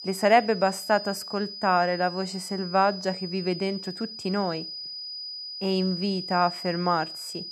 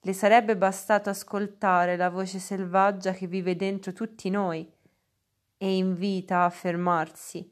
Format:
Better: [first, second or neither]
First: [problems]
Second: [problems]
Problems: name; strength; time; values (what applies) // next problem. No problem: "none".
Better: second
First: high-pitched whine; loud; throughout; 5 kHz, 9 dB below the speech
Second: none